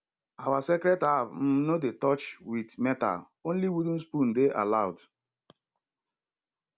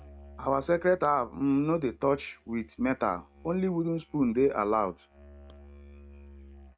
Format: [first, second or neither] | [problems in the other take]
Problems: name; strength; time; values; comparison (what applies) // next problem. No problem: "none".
first | noise reduction (neural mask model RNNoise)